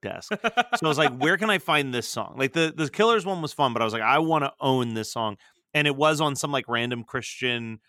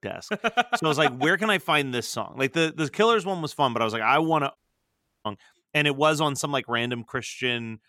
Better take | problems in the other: first | audio cutting out; at 4.5 s for 0.5 s

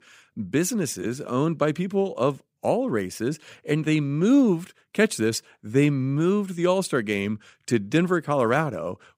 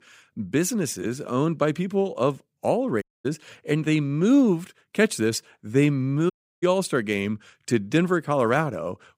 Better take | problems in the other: first | audio cutting out; at 3 s and at 6.5 s

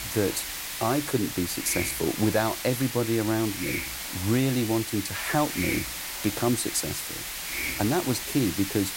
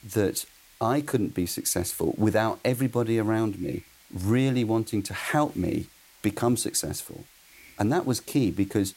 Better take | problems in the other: second | hiss; loud; throughout; 4 dB below the speech; faint in the second

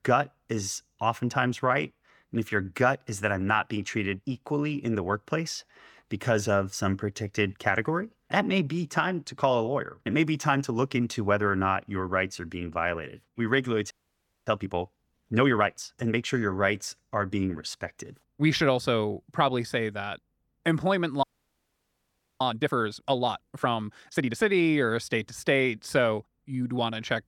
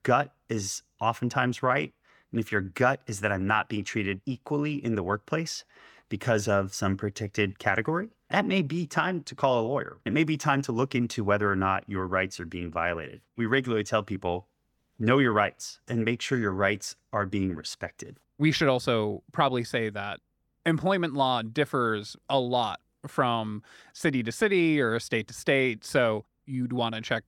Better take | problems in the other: second | audio freezing; at 14 s for 0.5 s and at 21 s for 1 s

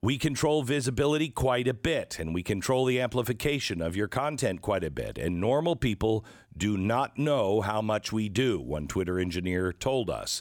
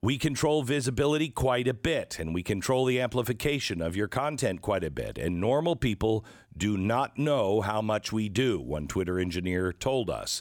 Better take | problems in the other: neither | none

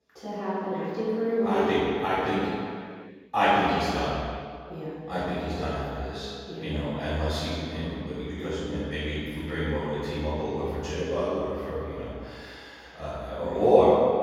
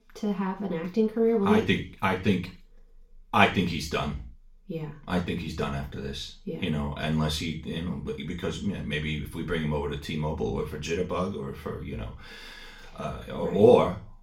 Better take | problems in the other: second | room echo; strong; dies away in 2.2 s; slight in the second // off-mic speech; far; far in the second

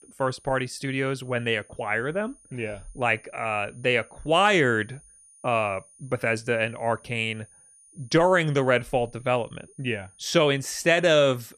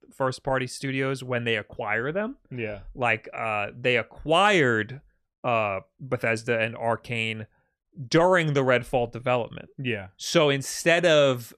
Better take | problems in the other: second | high-pitched whine; faint; throughout; 9.5 kHz, 30 dB below the speech

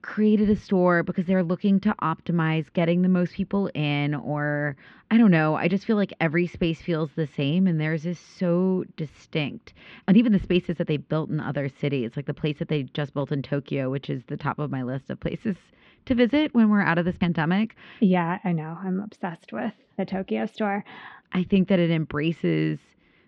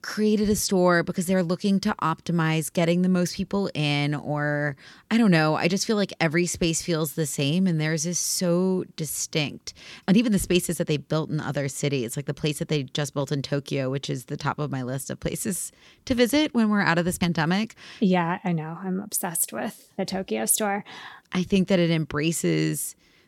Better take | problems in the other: second | muffled; very; fading above 3 kHz

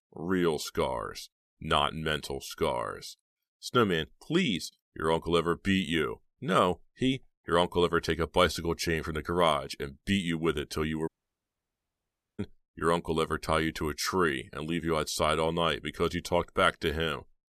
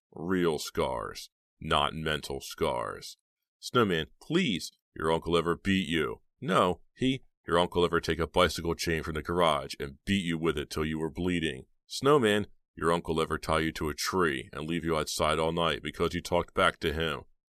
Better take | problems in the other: second | audio cutting out; at 11 s for 1.5 s

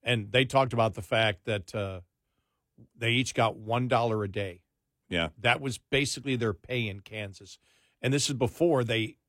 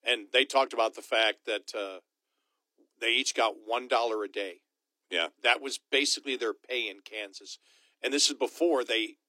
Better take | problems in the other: first | thin; somewhat; fading below 300 Hz

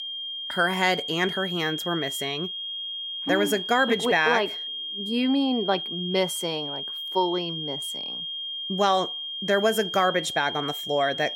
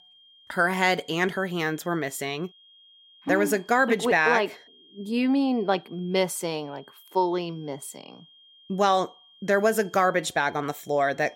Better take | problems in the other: second | high-pitched whine; loud; throughout; 3 kHz, 5 dB below the speech; faint in the second

